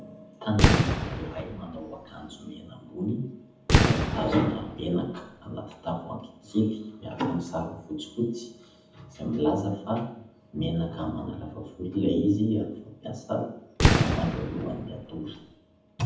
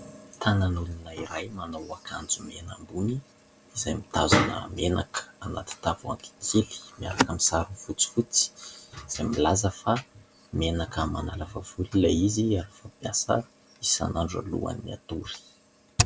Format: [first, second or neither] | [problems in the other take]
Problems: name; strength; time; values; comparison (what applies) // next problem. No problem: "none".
second | background sound (Fireworks); 5 dB above the speech // room echo; dies away in 0.8 s